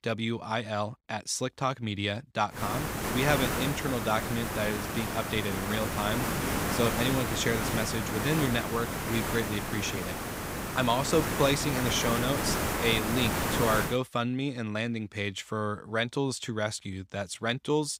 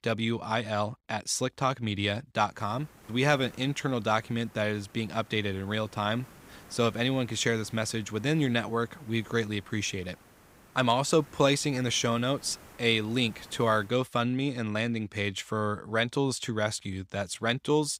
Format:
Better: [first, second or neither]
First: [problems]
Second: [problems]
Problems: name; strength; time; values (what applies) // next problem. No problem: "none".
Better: second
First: hiss; loud; from 2.5 to 14 s; 1 dB below the speech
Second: hiss; faint; from 2.5 to 14 s; 25 dB below the speech